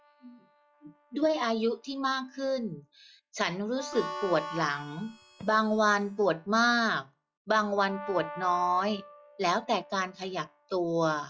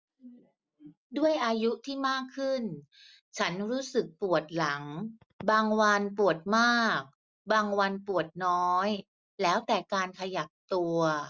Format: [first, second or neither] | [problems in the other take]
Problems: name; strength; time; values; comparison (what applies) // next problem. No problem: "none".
second | noise reduction (classical method log-MMSE)